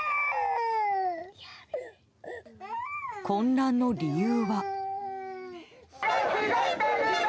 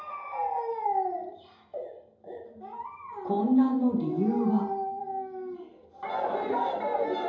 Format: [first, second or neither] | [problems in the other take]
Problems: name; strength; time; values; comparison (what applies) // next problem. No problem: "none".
first | room echo; dies away in 2.8 s